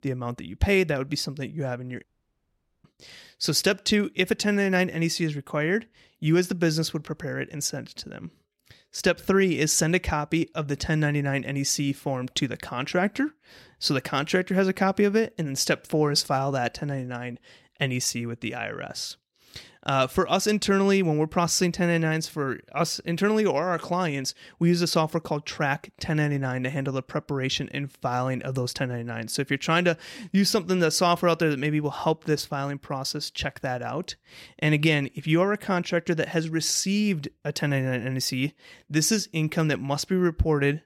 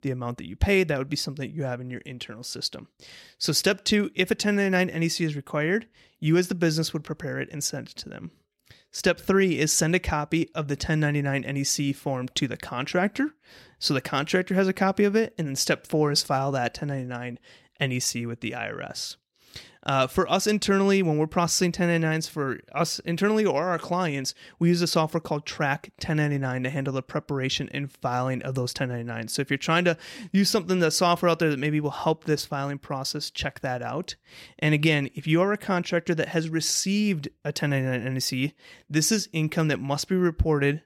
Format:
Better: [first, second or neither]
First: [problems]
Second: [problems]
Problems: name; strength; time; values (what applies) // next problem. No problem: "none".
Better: second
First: audio cutting out; at 2 s for 1 s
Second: none